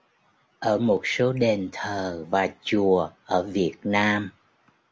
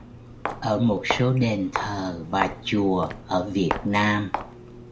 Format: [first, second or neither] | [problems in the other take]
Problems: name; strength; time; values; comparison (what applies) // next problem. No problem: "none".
first | background sound (Walk, footsteps); 8 dB below the speech // room echo; dies away in 0.3 s